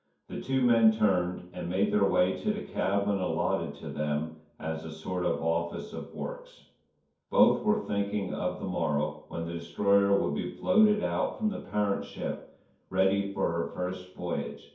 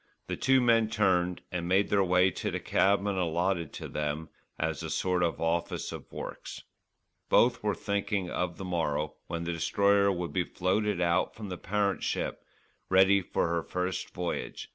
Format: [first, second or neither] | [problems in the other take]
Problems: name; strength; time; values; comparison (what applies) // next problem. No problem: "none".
second | room echo; dies away in 0.6 s